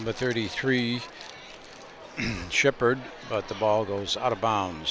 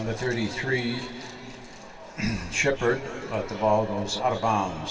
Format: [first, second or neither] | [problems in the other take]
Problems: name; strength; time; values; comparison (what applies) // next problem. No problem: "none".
first | room echo; dies away in 2.8 s